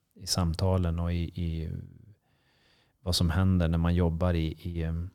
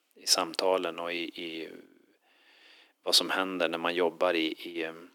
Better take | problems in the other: first | thin; very; fading below 300 Hz

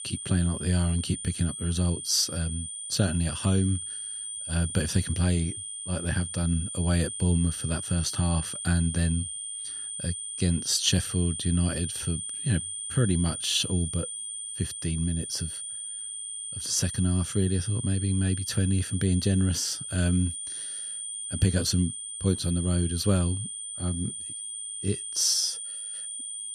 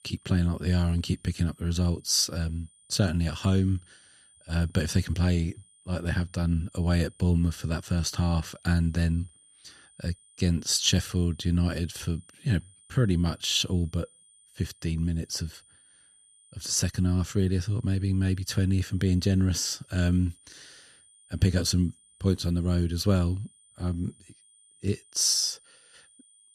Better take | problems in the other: second | high-pitched whine; loud; throughout; 9 kHz, 6 dB below the speech; faint in the second

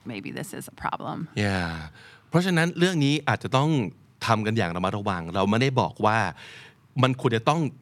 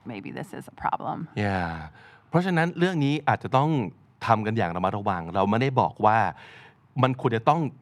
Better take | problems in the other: first | muffled; slightly; fading above 3.5 kHz

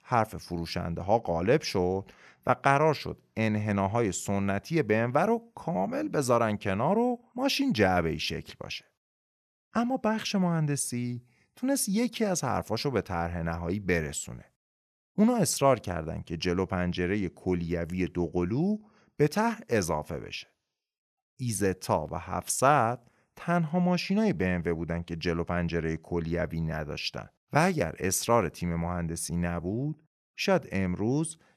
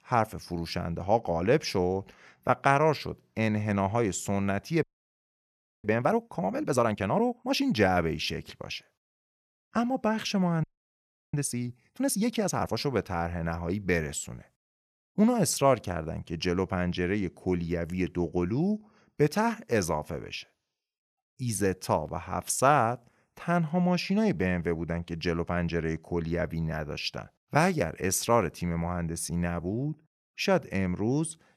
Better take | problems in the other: first | audio freezing; at 5 s for 1 s and at 11 s for 0.5 s

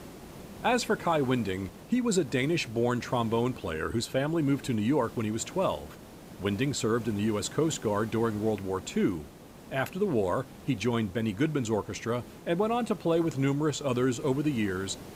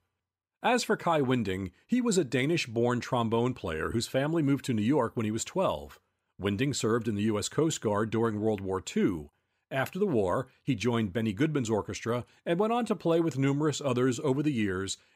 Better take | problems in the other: second | hiss; noticeable; throughout; 15 dB below the speech

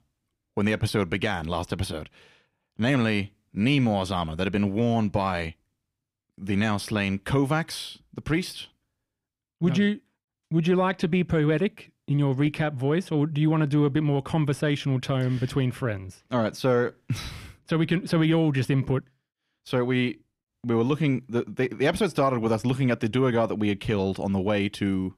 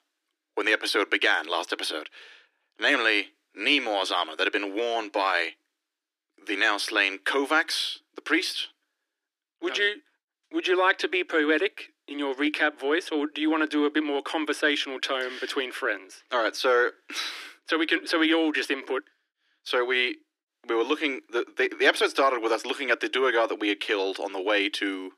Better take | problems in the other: first | thin; very; fading below 300 Hz

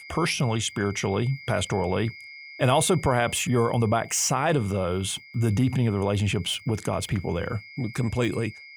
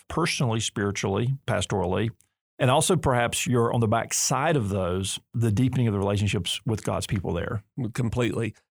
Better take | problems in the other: second | high-pitched whine; noticeable; throughout; 2 kHz, 20 dB below the speech

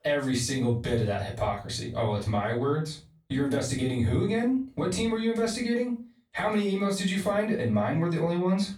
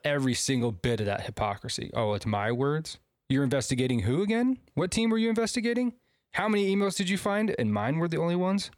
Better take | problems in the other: second | off-mic speech; far // room echo; slight; dies away in 0.3 s

